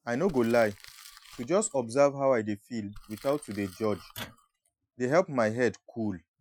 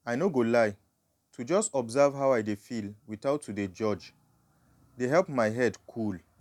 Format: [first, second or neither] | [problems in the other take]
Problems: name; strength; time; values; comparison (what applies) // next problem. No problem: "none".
second | noise reduction (classical method Wiener filter)